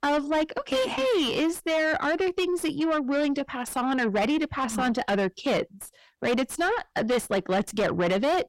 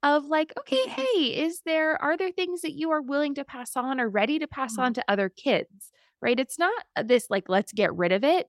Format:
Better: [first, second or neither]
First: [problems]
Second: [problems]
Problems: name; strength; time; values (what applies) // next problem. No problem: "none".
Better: second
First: distortion; heavy; 6 dB below the speech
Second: none